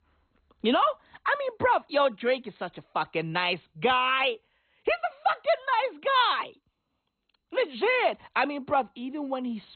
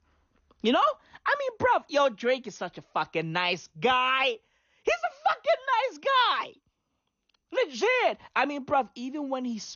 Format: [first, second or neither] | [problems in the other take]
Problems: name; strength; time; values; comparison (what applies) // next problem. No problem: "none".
second | garbled, watery; badly; nothing above 4 kHz; slightly in the second